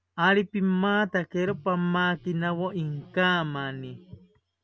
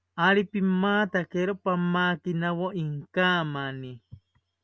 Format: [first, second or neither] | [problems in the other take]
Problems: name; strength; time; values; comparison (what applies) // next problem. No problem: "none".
second | background sound (Microwave oven); 20 dB below the speech